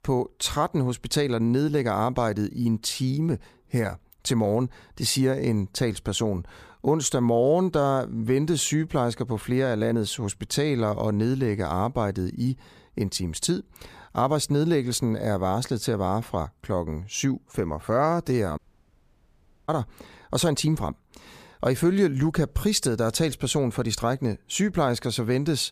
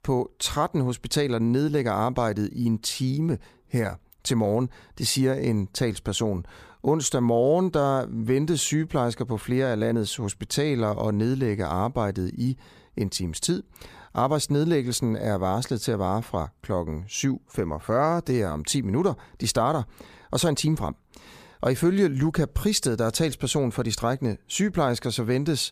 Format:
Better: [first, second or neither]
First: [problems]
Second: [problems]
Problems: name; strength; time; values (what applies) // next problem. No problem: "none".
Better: second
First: audio cutting out; at 19 s for 1 s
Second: none